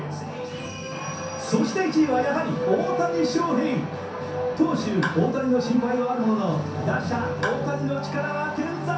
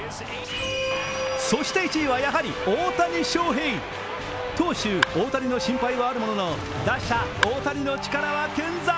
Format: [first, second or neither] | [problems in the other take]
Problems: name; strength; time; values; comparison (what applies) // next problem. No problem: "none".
second | room echo; dies away in 0.6 s